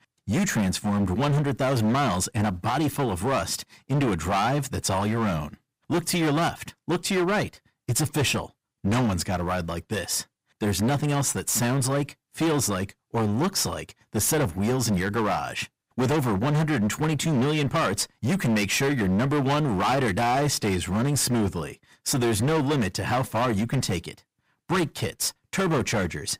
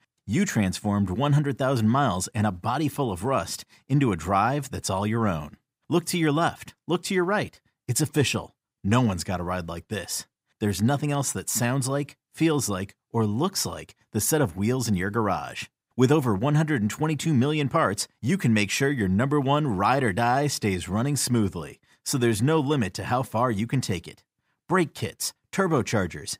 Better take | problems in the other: second | distortion; heavy; 19% of the sound clipped

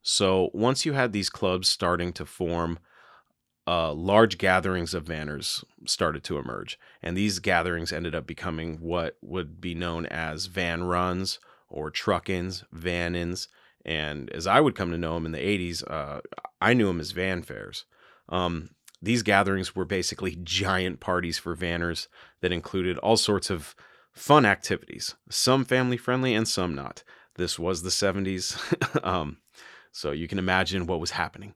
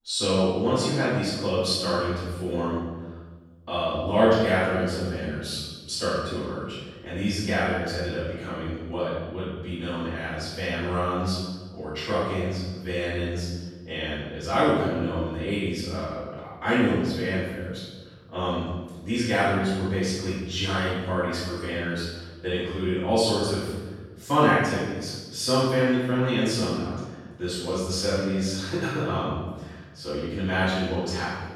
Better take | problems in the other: first | room echo; strong; dies away in 1.3 s // off-mic speech; far

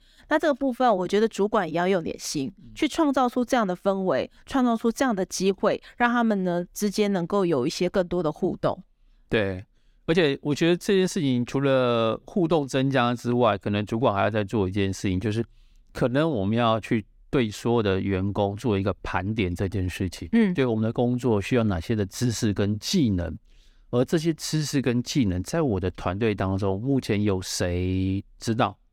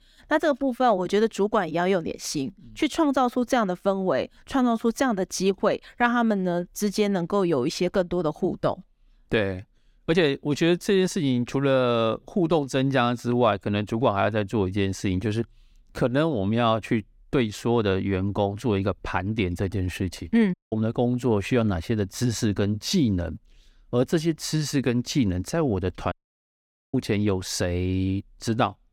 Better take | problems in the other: first | audio cutting out; at 21 s and at 26 s for 1 s

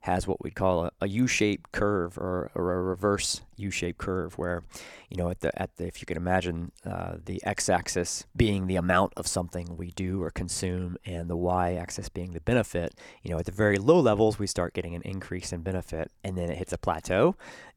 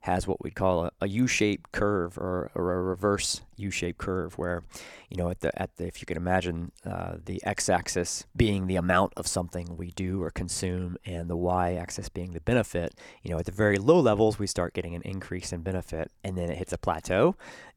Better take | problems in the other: neither | none

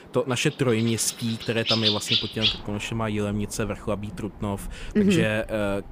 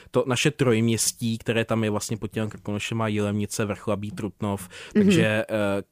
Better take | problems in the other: second | animal sounds; very loud; throughout; 1 dB above the speech

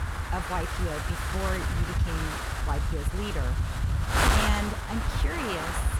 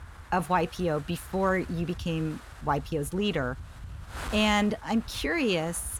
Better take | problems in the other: second | wind noise on the microphone; heavy; 5 dB above the speech; occasional gusts in the second

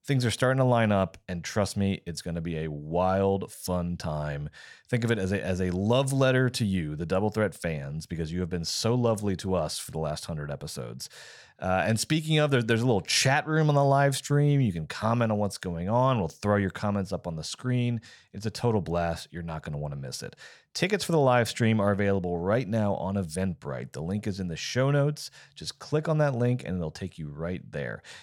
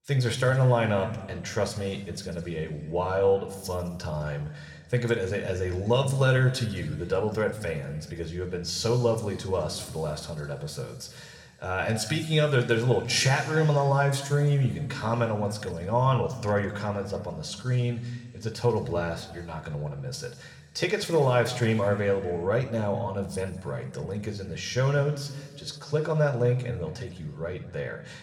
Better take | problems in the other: first | room echo; slight; dies away in 2 s

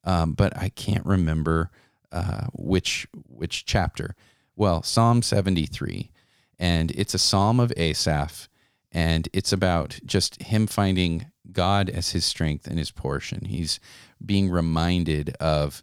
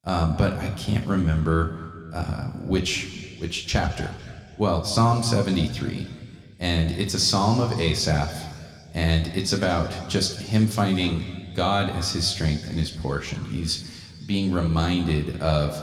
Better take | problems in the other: first | room echo; slight; dies away in 1.9 s

